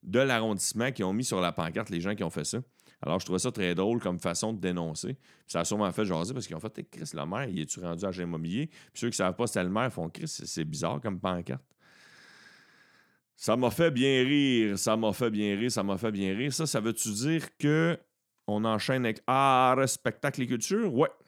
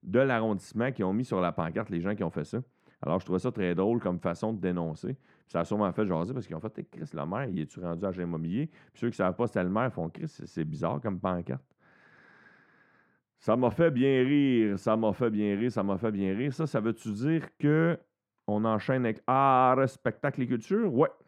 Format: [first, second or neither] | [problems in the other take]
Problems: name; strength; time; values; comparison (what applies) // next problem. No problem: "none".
first | muffled; very; fading above 3 kHz